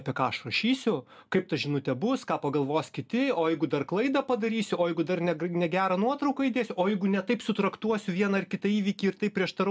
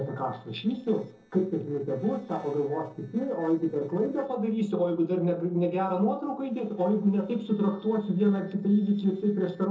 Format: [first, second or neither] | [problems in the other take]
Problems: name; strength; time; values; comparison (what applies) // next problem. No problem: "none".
first | noise reduction (neural separator model SepFormer DNS4)